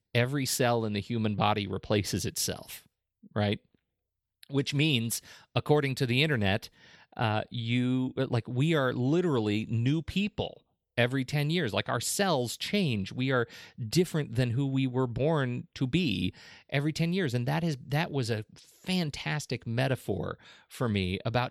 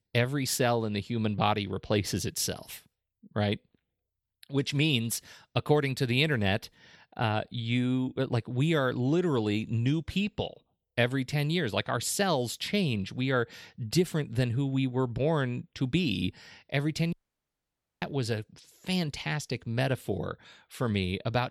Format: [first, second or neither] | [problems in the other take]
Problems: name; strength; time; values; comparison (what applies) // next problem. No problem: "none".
first | audio cutting out; at 17 s for 1 s